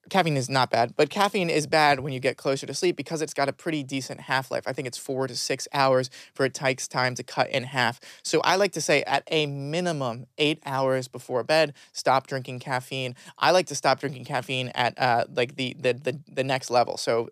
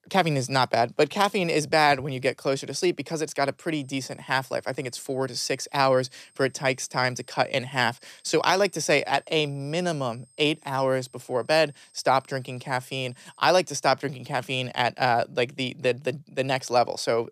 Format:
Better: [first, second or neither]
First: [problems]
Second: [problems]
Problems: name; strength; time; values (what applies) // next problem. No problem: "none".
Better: first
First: none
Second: high-pitched whine; faint; from 3.5 to 13 s; 8.5 kHz, 30 dB below the speech